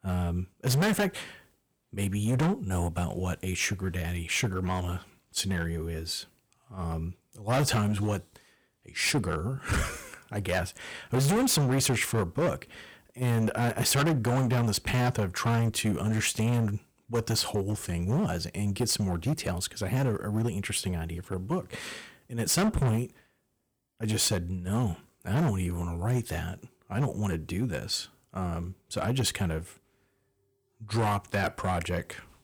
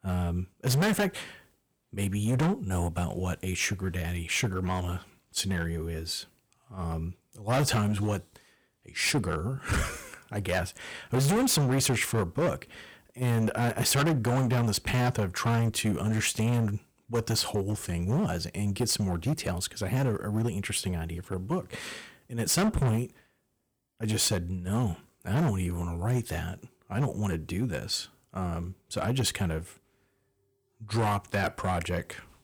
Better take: neither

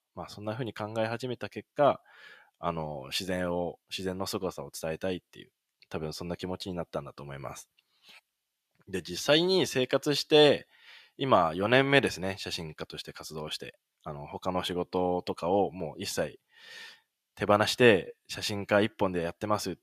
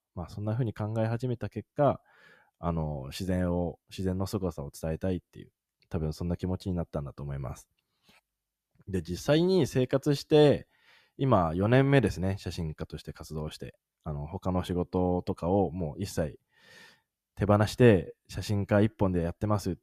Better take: second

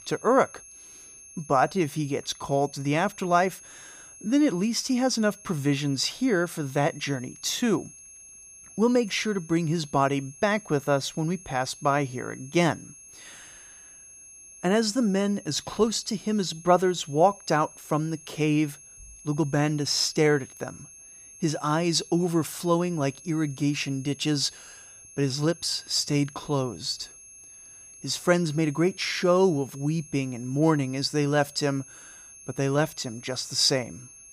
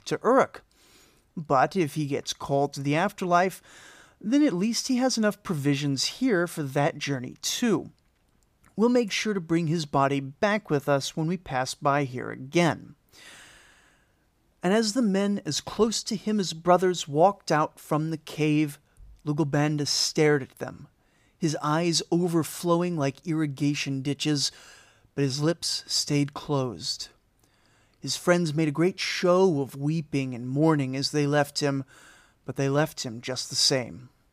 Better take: second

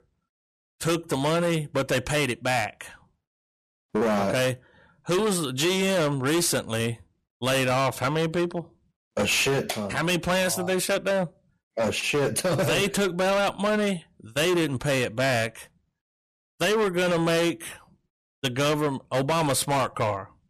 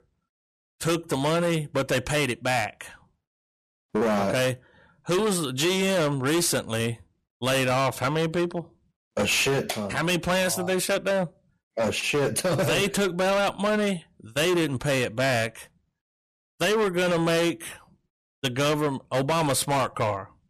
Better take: neither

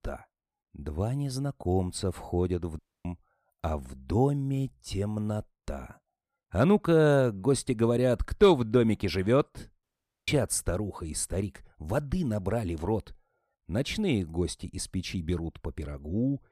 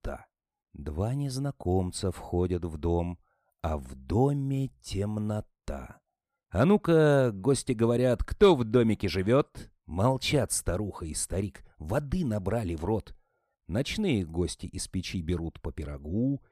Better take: second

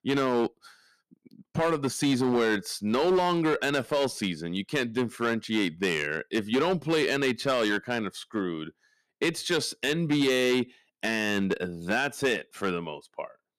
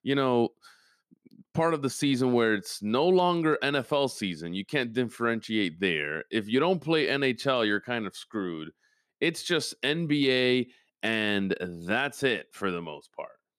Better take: second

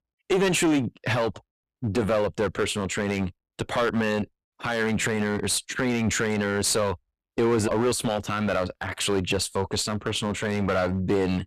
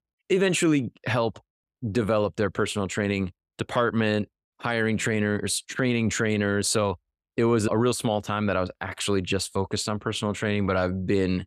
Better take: second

